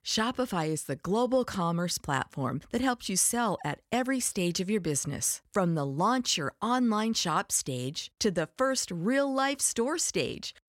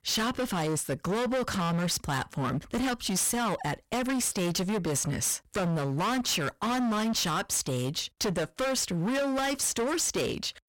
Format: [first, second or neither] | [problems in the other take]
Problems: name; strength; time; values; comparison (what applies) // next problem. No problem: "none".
first | distortion; heavy; 30% of the sound clipped